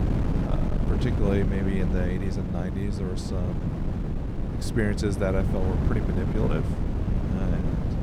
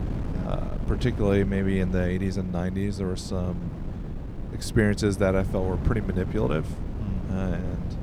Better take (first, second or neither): second